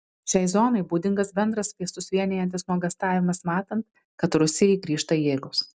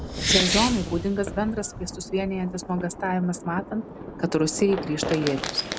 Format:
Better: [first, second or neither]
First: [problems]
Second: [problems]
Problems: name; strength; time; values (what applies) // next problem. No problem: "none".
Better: first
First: none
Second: background sound (Fireworks); 4 dB below the speech